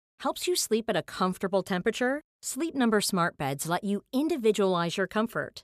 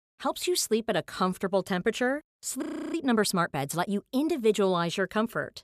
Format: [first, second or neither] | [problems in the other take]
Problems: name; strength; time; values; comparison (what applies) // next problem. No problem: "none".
first | audio freezing; at 2.5 s